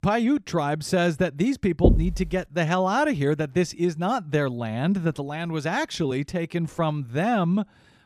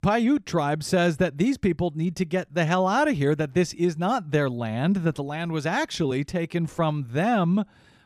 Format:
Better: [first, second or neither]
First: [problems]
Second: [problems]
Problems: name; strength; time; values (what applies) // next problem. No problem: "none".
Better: second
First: door banging; loud; at 2 s; peak 4 dB above the speech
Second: none